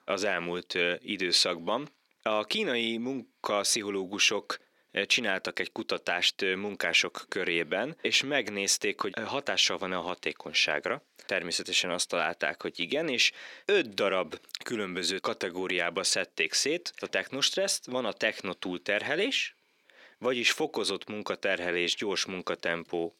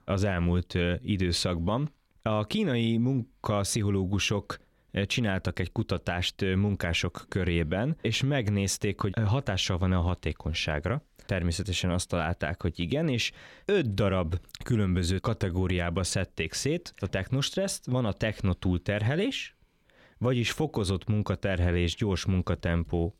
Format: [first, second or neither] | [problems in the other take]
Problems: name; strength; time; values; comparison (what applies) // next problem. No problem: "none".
second | thin; somewhat; fading below 300 Hz